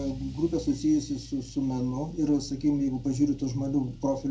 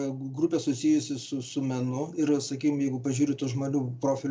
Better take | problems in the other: second | background sound (Engine starting / Accelerating, revving, vroom / Car); 17 dB below the speech // room echo; dies away in 0.3 s

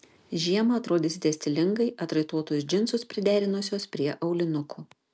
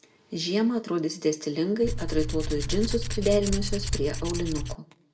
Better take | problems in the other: first | background sound (Tools); 1 dB below the speech // room echo; dies away in 0.4 s

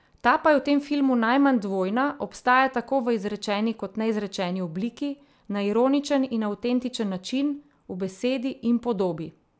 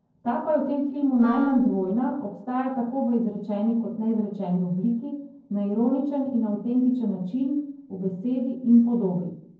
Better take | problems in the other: first | noise reduction (neural separator model SepFormer DNS4)

